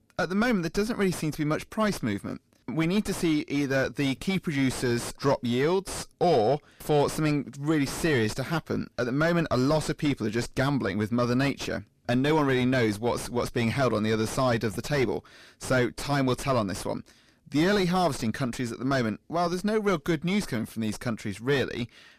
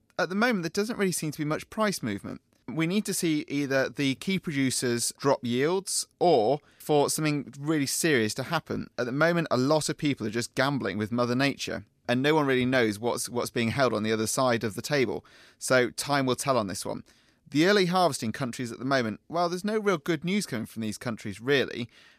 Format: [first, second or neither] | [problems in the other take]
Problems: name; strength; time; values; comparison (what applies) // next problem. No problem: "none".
second | distortion; heavy; 5 dB below the speech